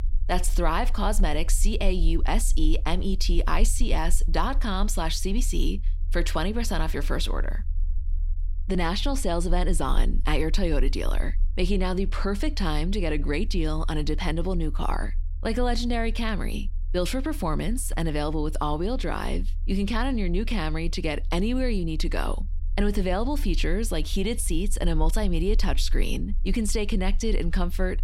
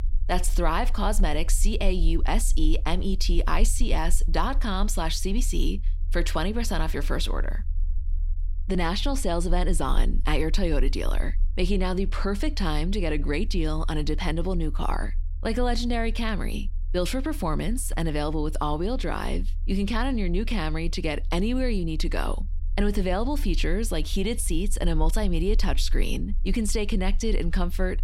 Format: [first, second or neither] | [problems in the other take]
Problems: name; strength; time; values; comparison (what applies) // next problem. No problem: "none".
neither | low rumble; faint; throughout; 25 dB below the speech; the same in both